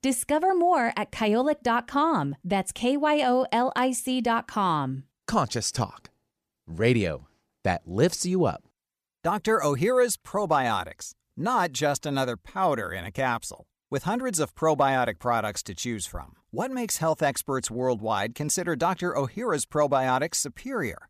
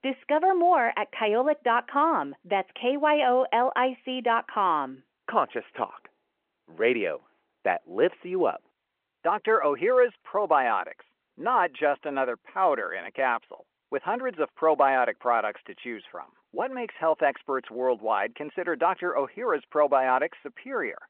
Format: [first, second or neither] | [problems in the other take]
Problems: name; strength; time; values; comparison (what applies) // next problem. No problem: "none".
first | phone-call audio